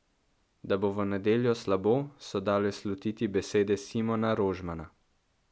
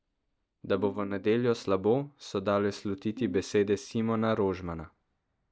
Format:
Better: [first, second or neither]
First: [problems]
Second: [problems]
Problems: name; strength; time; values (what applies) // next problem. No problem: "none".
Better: first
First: none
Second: noise reduction (neural mask model DeepFilterNet 3)